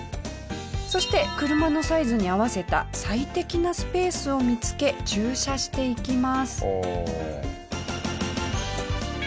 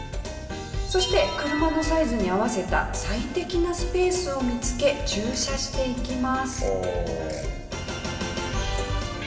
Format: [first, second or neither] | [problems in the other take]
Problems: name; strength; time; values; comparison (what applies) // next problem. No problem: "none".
first | background sound (Ratchet, pawl / Percussion); 20 dB below the speech // room echo; dies away in 1.3 s